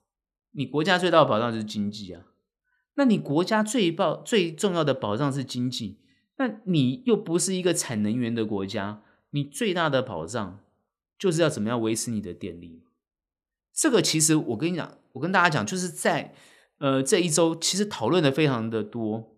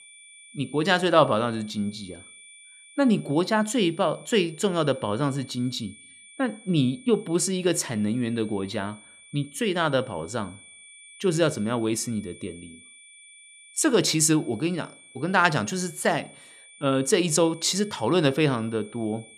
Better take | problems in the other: first | high-pitched whine; faint; throughout; 2.5 kHz, 20 dB below the speech

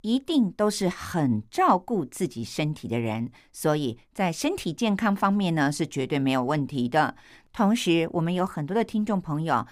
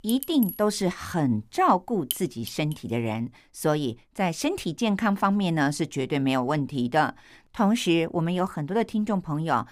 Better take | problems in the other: first | household noises; loud; until 2.5 s; 9 dB below the speech

